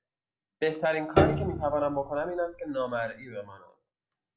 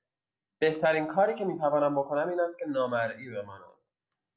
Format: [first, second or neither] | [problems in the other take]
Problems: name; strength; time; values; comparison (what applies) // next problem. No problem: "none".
second | background sound (Piano); 1 dB above the speech